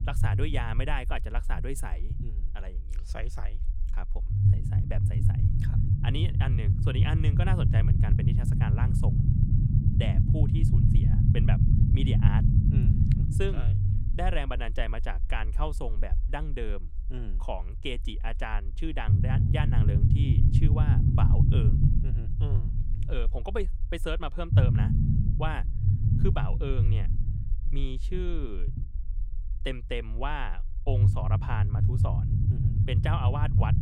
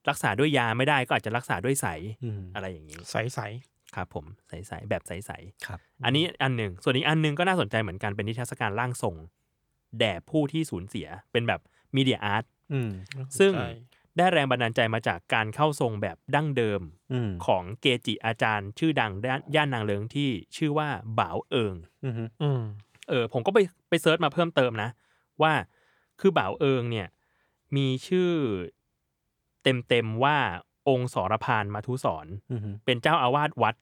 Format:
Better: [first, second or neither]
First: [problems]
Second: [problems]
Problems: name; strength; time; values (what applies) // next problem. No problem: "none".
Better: second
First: low rumble; loud; throughout; 1 dB below the speech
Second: none